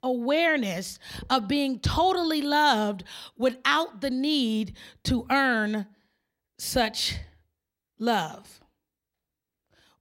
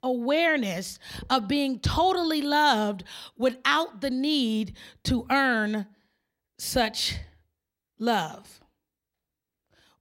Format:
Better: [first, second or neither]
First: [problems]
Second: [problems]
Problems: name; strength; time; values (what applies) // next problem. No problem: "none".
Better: neither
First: none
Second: none